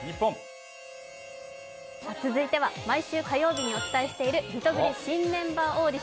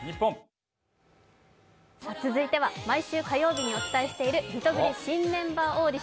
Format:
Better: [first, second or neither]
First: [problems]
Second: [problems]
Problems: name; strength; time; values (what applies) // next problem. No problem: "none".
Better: second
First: background sound (Harmonica); 17 dB below the speech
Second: none